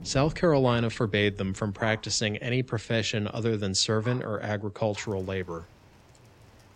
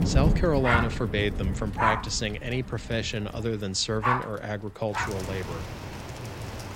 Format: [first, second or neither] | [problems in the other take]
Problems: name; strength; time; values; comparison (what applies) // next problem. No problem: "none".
first | rain or running water; loud; throughout; as loud as the speech; faint in the first